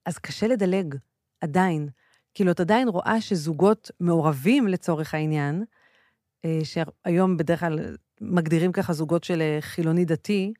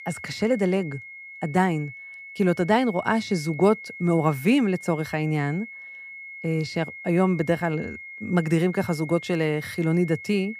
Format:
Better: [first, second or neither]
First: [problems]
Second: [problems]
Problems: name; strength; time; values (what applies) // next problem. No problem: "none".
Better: first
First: none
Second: high-pitched whine; noticeable; throughout; 2 kHz, 15 dB below the speech